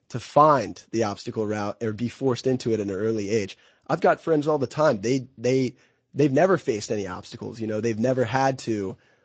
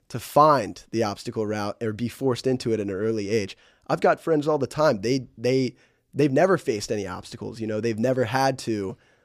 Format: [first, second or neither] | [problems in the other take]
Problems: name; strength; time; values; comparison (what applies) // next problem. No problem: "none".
second | garbled, watery; slightly; nothing above 7.5 kHz